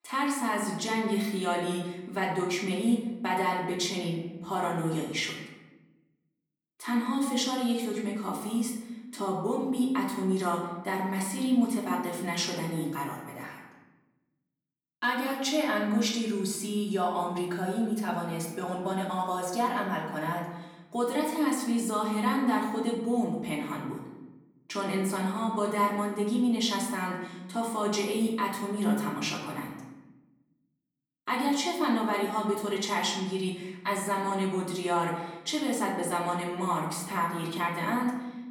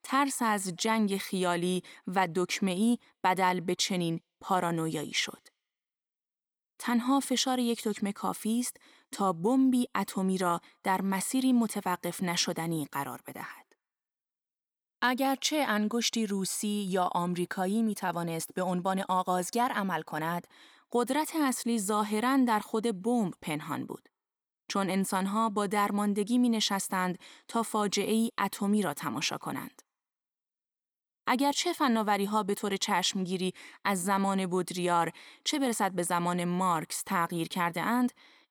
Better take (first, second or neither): second